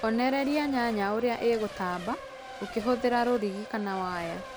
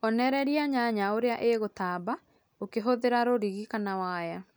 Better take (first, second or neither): second